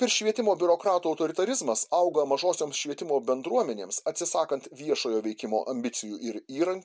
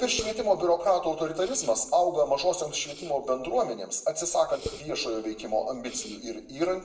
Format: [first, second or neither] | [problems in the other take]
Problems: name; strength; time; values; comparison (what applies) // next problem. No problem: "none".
first | noise reduction (neural separator model SepFormer DNS4)